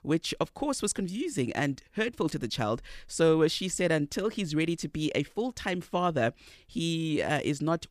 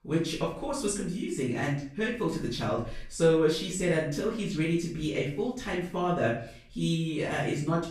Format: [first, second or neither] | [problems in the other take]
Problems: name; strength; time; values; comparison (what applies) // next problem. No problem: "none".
first | off-mic speech; far // room echo; noticeable; dies away in 0.4 s